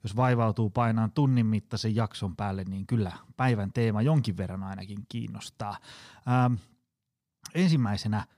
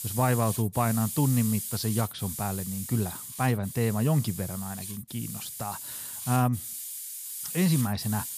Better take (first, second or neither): first